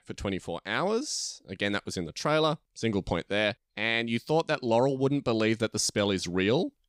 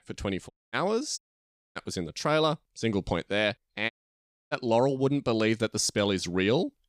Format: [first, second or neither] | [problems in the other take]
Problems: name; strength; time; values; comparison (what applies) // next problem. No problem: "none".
first | audio cutting out; at 0.5 s, at 1 s for 0.5 s and at 4 s for 0.5 s